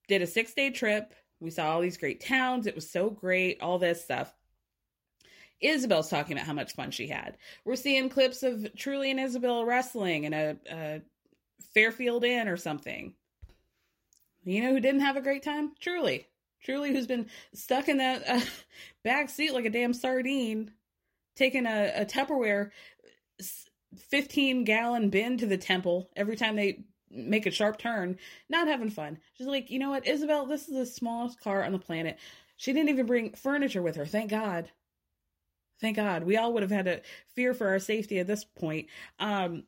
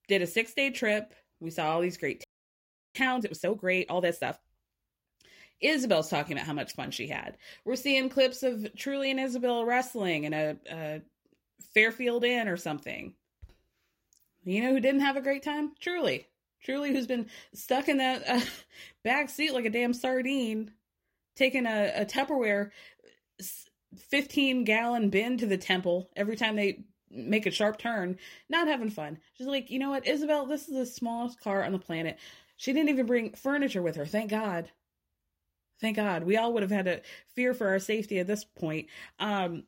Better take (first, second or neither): first